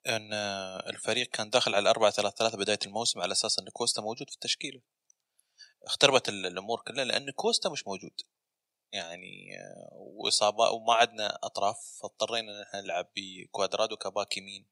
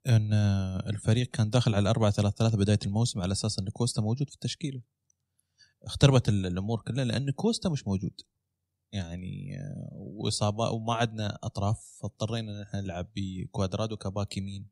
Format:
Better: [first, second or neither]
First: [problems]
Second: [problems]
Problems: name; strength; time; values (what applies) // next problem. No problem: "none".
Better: second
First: thin; very; fading below 600 Hz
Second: none